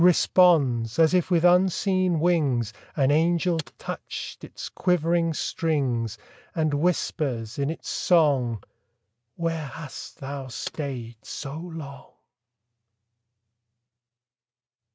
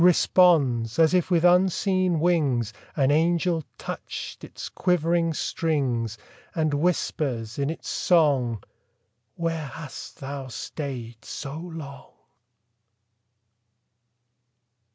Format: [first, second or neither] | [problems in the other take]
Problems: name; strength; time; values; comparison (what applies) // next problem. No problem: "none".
second | noise reduction (neural mask model RNNoise)